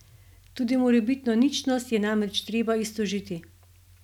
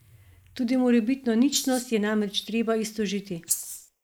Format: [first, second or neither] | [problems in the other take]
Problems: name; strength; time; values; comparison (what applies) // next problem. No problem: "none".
first | noise reduction (neural mask model Resemble Enhance denoiser)